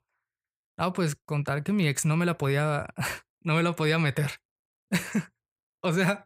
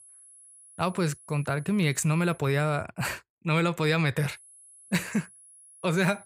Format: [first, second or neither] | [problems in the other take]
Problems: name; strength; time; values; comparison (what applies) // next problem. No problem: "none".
first | high-pitched whine; faint; until 2.5 s and from 4.5 s on; 10.5 kHz, 25 dB below the speech